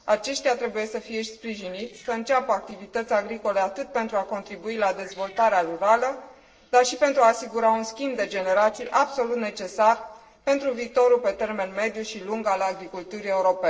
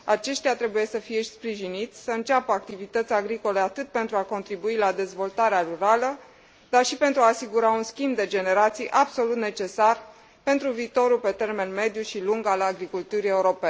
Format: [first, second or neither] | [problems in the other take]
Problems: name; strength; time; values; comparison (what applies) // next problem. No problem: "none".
second | noise reduction (neural separator model SepFormer DNS4)